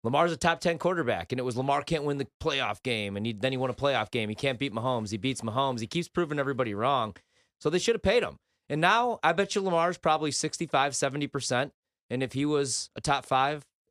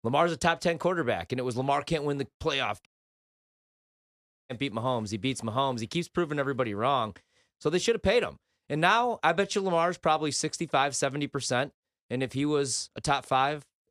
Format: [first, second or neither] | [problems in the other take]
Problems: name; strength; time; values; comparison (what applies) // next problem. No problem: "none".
first | audio cutting out; at 3 s for 1.5 s